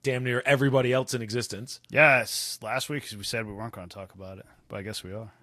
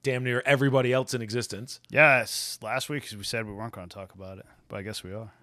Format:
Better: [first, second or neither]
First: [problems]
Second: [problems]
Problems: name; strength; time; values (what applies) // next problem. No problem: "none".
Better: second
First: garbled, watery; slightly; nothing above 15.5 kHz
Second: none